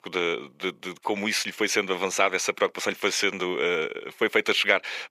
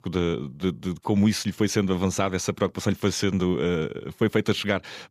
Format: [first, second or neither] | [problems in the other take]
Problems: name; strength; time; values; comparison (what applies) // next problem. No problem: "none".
second | thin; very; fading below 500 Hz